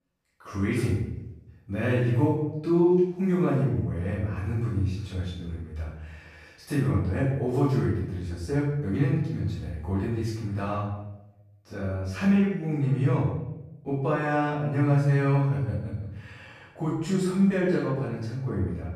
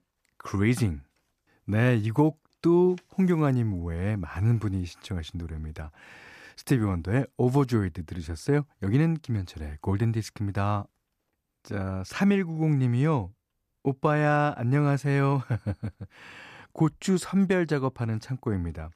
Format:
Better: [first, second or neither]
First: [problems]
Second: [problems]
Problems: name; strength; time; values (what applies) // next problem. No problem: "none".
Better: second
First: room echo; strong; dies away in 0.8 s // off-mic speech; far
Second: none